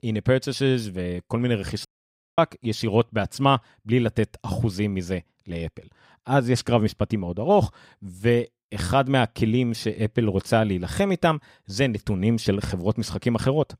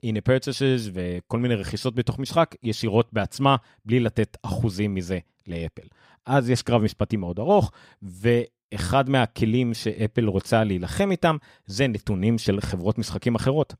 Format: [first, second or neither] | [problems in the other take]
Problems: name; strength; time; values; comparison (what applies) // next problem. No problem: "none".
second | audio cutting out; at 2 s for 0.5 s